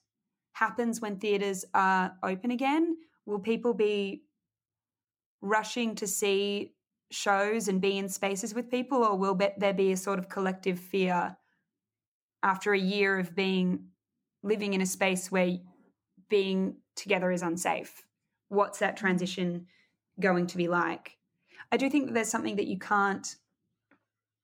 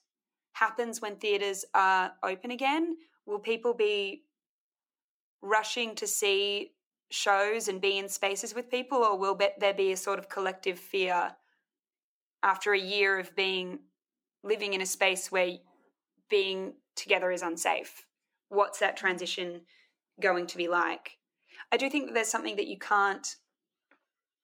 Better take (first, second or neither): first